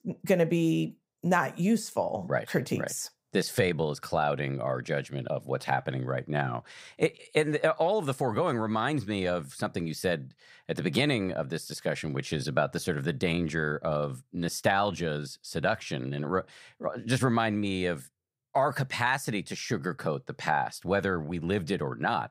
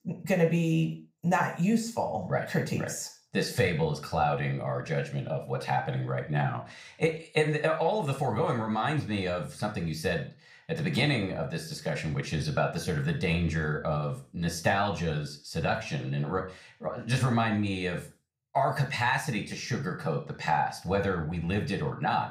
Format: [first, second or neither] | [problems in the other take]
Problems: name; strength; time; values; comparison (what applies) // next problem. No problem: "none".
first | room echo; slight; dies away in 0.4 s